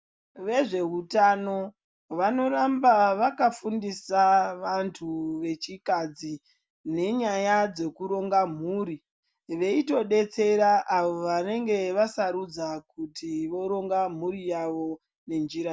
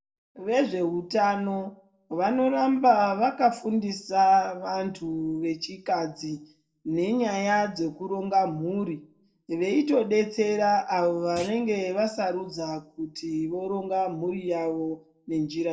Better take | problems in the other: first | noise reduction (neural separator model SepFormer DNS4)

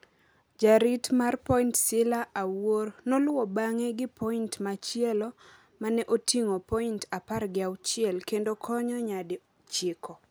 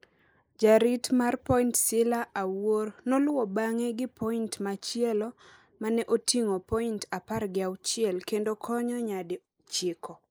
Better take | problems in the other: first | noise reduction (neural mask model Resemble Enhance denoiser)

